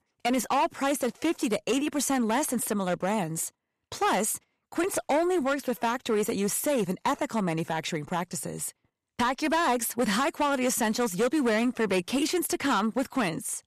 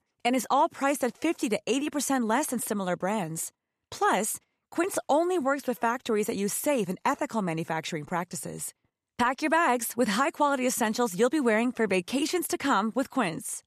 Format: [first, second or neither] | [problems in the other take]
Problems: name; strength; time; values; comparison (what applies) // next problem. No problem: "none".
second | distortion; slight; 9% of the sound clipped